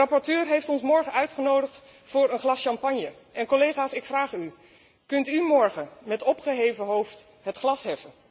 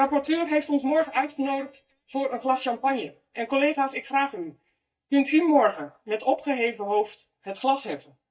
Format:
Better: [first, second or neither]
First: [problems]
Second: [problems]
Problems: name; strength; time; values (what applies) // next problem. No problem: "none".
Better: first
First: none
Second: noise reduction (neural mask model DeepFilterNet 3)